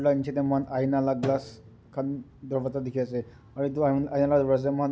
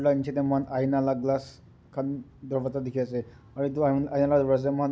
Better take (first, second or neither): second